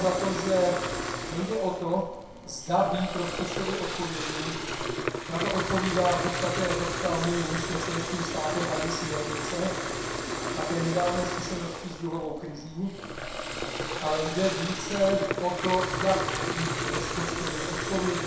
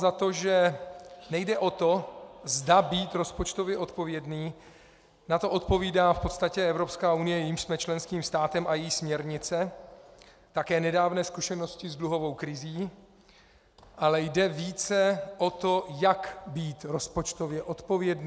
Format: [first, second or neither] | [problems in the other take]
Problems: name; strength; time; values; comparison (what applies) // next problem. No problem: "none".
second | background sound (Fill (with liquid) / Water tap, faucet); 2 dB below the speech // room echo; dies away in 0.7 s